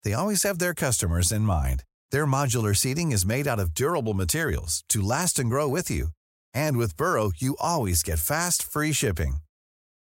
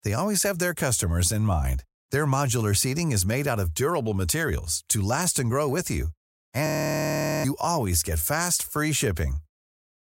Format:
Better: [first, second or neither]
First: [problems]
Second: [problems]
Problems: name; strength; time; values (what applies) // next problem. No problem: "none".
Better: first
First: none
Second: audio freezing; at 6.5 s for 1 s